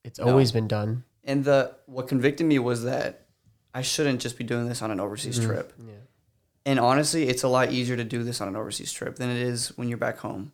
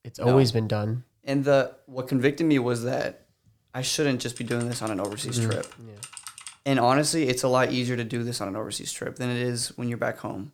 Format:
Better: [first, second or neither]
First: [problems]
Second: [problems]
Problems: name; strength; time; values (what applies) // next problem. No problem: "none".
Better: first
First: none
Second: keyboard typing; faint; from 4.5 to 6.5 s; peak 15 dB below the speech